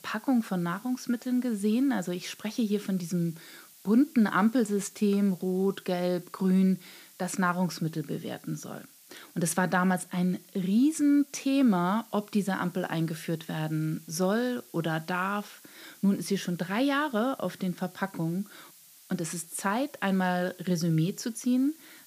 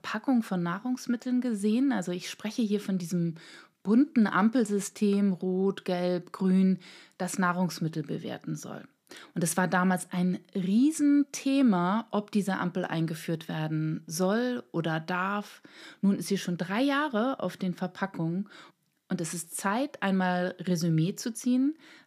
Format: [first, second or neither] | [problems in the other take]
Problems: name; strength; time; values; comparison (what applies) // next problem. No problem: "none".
second | hiss; faint; throughout; 25 dB below the speech